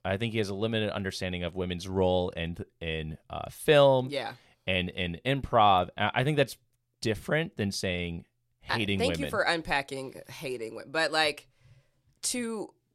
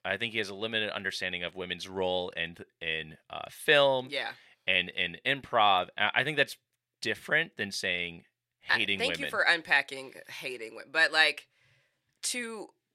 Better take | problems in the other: first | thin; somewhat; fading below 400 Hz

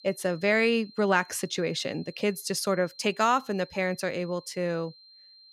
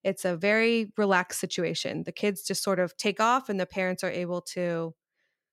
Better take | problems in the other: second | high-pitched whine; faint; throughout; 4 kHz, 25 dB below the speech

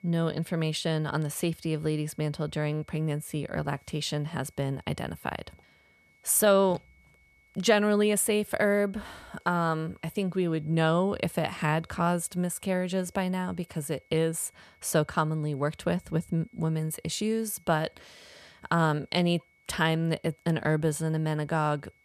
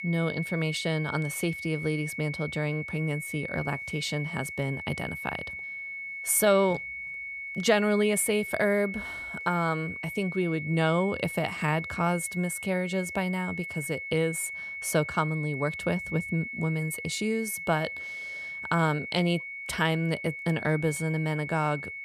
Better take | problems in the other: first | high-pitched whine; loud; throughout; 2 kHz, 7 dB below the speech; faint in the first

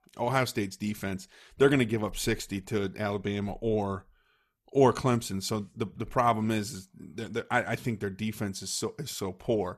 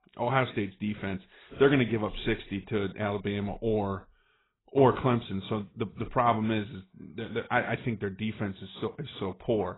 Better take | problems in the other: first | garbled, watery; badly; nothing above 4 kHz

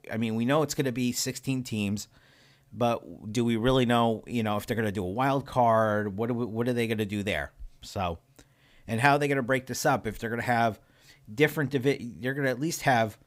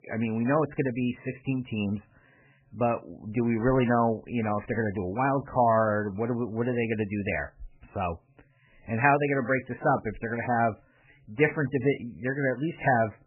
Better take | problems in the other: first | garbled, watery; badly; nothing above 3 kHz

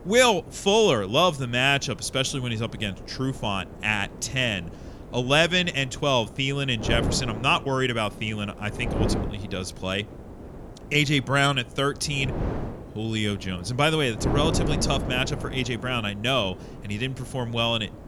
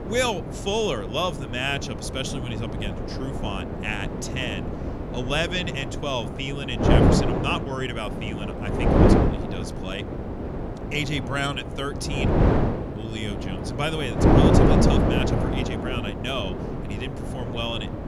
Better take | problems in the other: first | wind noise on the microphone; heavy; as loud as the speech; occasional gusts in the first

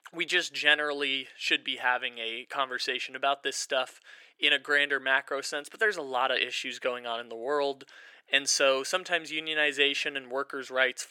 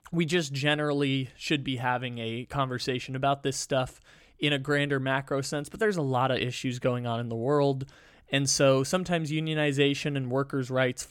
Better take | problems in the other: second | thin; very; fading below 400 Hz

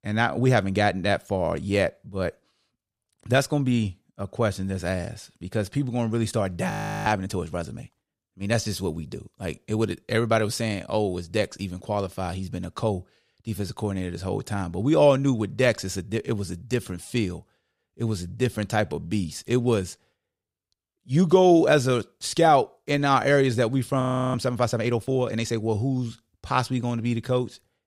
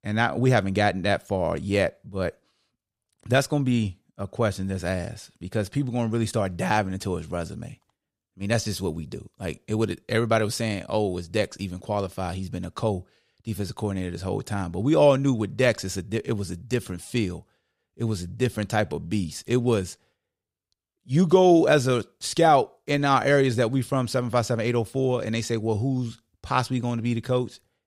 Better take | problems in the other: second | audio freezing; at 6.5 s and at 24 s

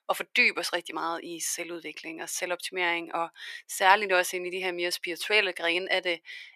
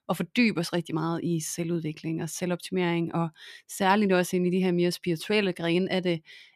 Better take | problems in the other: second | thin; very; fading below 500 Hz

